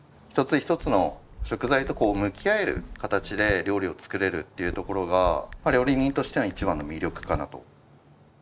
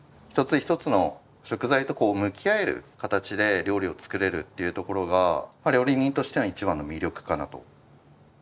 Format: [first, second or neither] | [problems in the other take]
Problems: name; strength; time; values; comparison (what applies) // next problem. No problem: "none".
second | background sound (Chatter / Chirp, tweet / Car passing by / Typing); 13 dB below the speech